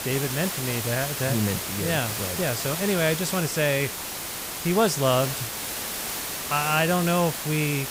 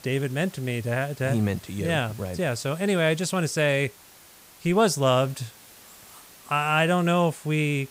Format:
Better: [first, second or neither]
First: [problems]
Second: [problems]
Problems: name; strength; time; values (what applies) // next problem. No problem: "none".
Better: second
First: hiss; loud; throughout; 4 dB below the speech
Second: hiss; faint; throughout; 20 dB below the speech